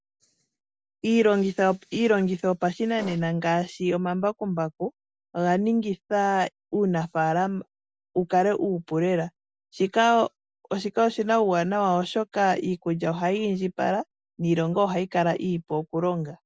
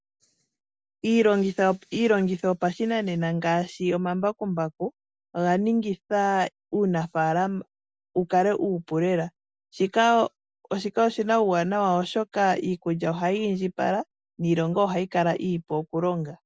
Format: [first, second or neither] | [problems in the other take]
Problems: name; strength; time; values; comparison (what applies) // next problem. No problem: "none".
second | background sound (Fart); 14 dB below the speech